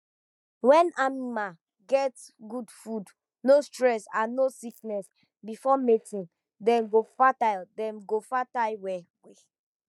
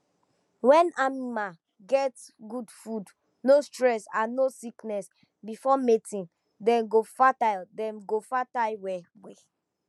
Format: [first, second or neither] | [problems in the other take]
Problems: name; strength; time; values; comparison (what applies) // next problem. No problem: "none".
second | noise reduction (neural mask model DeepFilterNet 3)